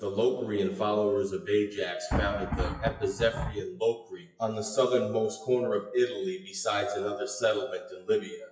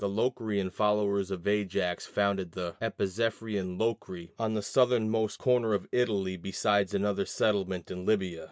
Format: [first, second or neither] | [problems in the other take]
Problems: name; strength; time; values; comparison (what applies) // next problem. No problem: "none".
second | noise reduction (classical method WPE with log-MMSE)